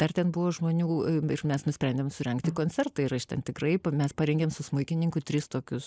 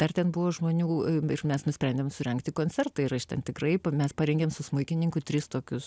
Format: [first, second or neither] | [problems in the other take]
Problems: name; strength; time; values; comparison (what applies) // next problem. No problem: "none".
second | noise reduction (neural mask model Resemble Enhance denoiser)